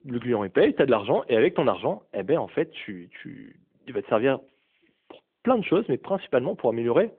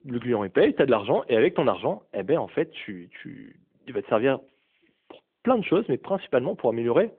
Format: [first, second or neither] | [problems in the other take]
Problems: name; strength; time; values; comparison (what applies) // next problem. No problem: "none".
neither | phone-call audio; nothing above 3.5 kHz; the same in both